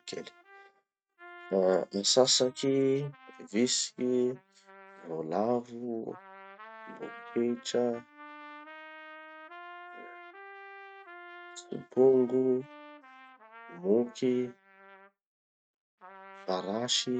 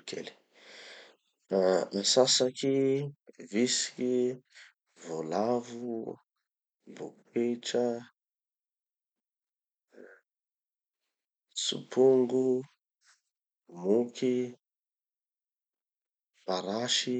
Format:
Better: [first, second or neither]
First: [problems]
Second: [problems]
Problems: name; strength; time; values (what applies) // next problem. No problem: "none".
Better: second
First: noise reduction (neural mask model RNNoise)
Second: none